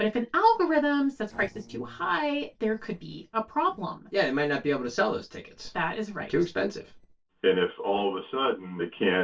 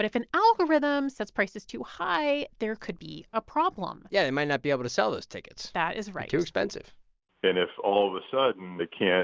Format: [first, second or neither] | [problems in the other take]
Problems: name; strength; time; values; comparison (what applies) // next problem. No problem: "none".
second | noise reduction (neural separator model SepFormer DNS4)